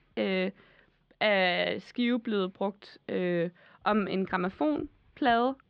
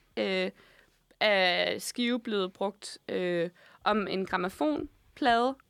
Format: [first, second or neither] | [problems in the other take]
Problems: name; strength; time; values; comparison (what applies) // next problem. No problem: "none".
second | muffled; slightly; fading above 3.5 kHz